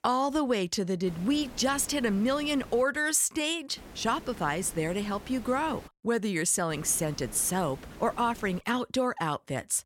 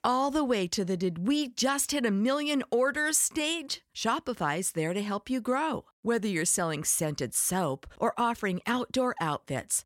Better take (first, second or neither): second